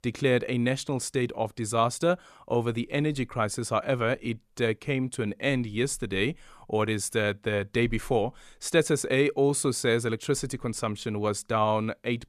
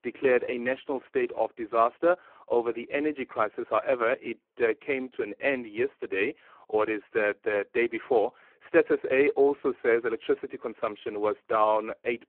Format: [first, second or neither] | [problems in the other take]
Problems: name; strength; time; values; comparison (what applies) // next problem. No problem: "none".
first | phone-call audio; poor line